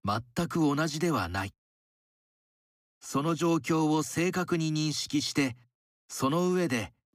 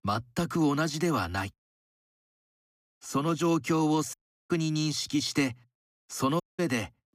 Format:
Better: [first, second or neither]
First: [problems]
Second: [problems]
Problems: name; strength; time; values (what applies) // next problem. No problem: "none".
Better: first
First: none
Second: audio cutting out; at 4 s and at 6.5 s